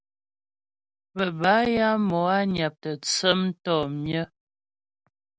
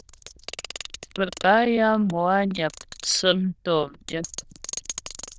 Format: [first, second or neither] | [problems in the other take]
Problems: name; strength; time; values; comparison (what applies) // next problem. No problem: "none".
first | noise reduction (neural diffusion model UNIVERSE++)